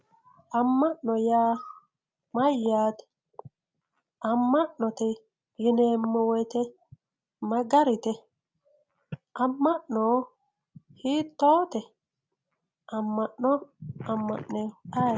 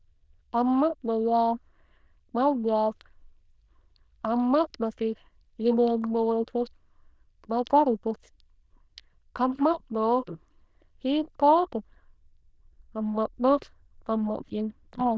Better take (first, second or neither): first